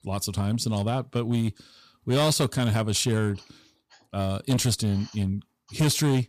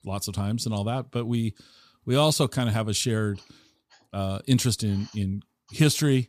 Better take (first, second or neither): second